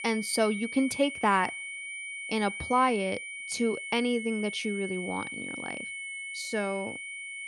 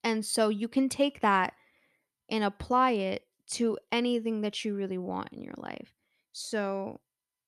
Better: second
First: high-pitched whine; loud; throughout; 2 kHz, 7 dB below the speech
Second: none

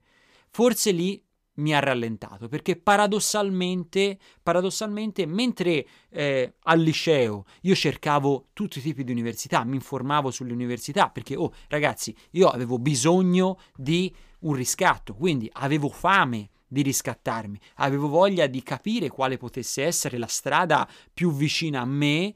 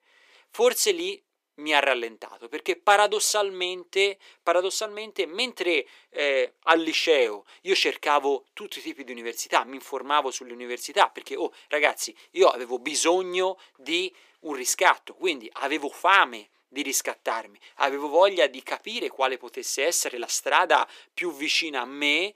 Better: first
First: none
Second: thin; very; fading below 350 Hz

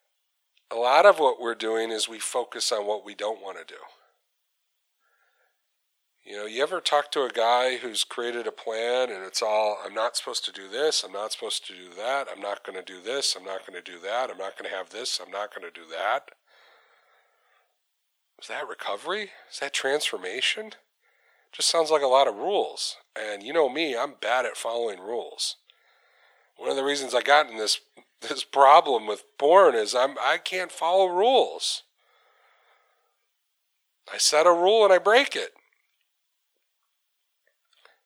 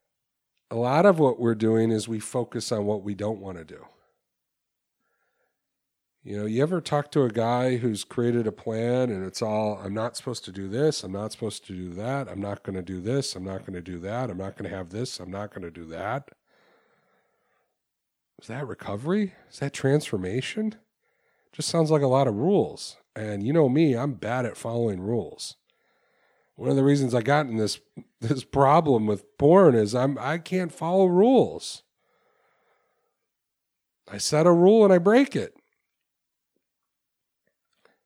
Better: second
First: thin; very; fading below 600 Hz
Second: none

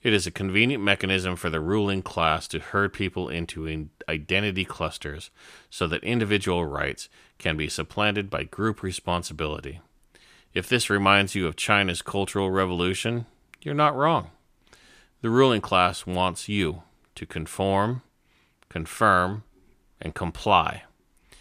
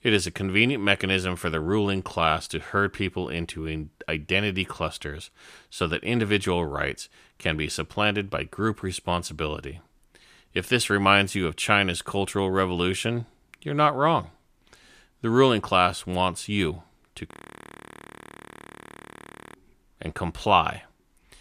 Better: first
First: none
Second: audio freezing; at 17 s for 2 s

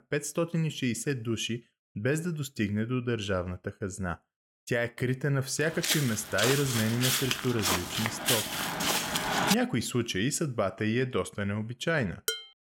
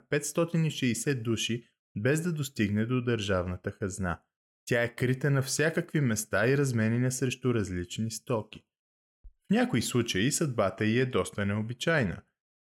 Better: second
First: footsteps; loud; from 6 to 9.5 s; peak 4 dB above the speech // clattering dishes; noticeable; at 12 s; peak 3 dB below the speech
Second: none

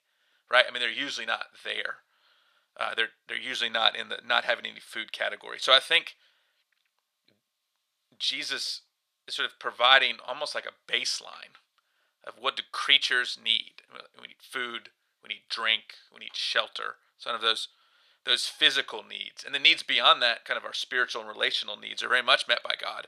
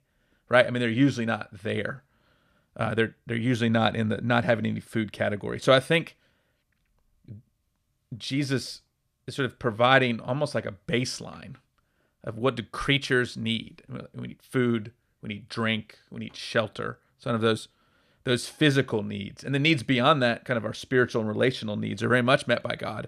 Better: second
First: thin; very; fading below 900 Hz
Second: none

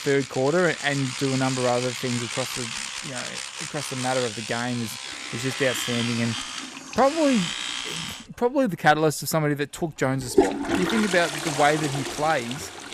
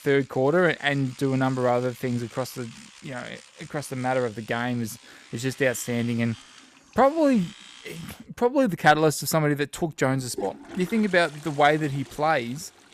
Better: second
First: household noises; loud; throughout; 4 dB below the speech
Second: household noises; faint; throughout; 20 dB below the speech

